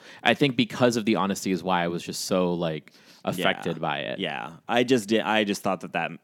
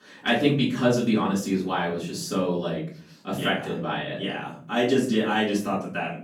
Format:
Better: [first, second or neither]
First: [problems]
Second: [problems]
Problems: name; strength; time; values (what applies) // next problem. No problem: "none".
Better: first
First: none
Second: room echo; slight; dies away in 0.4 s // off-mic speech; far